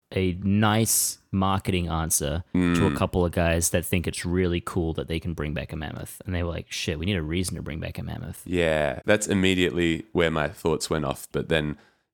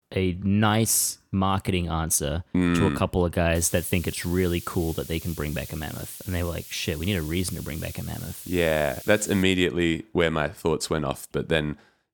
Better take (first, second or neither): first